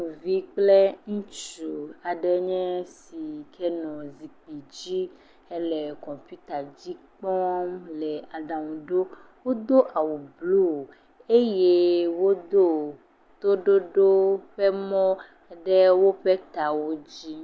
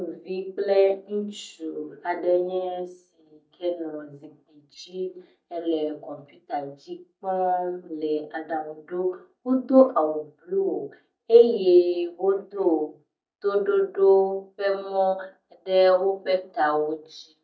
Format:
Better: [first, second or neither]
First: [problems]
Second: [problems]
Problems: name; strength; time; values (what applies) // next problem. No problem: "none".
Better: first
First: none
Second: noise reduction (neural mask model DeepFilterNet 3)